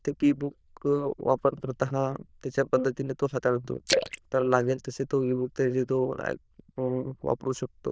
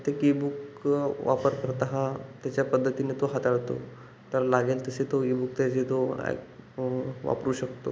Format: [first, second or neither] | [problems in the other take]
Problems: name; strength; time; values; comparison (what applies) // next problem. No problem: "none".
second | noise reduction (neural diffusion model UNIVERSE++)